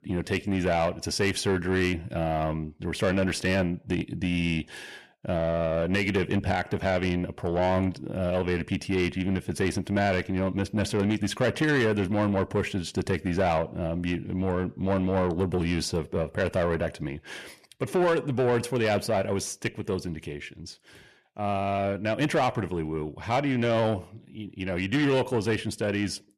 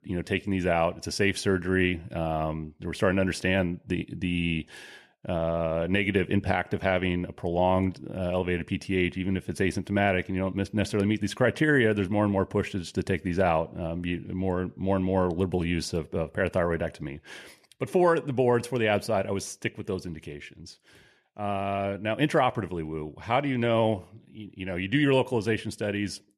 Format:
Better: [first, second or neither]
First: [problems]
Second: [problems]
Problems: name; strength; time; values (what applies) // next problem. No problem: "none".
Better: second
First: distortion; slight; 10 dB below the speech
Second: none